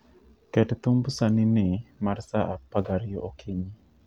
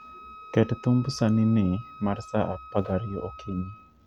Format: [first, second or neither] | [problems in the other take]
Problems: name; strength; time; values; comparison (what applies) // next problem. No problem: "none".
first | background sound (Wind instrument, woodwind instrument); 19 dB below the speech